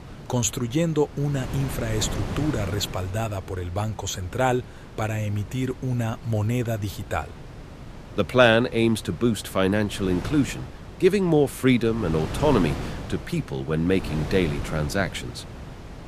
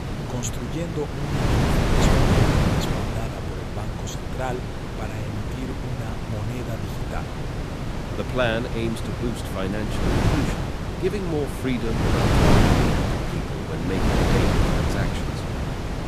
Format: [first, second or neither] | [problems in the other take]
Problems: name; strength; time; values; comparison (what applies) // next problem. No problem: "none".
first | wind noise on the microphone; heavy; 4 dB above the speech; occasional gusts in the first